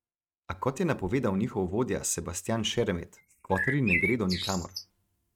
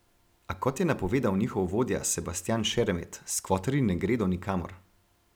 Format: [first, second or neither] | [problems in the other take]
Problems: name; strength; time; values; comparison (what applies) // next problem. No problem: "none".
second | noise reduction (neural mask model RNNoise)